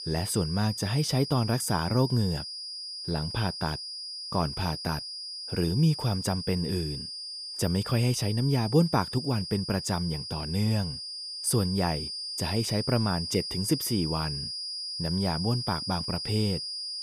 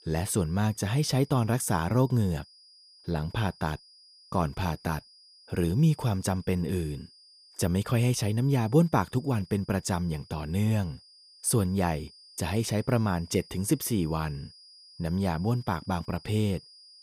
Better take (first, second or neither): second